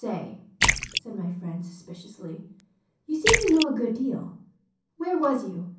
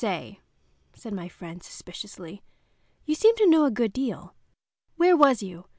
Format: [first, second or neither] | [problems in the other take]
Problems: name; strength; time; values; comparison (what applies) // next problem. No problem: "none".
second | background sound (Splash, splatter); 1 dB below the speech // room echo; dies away in 0.6 s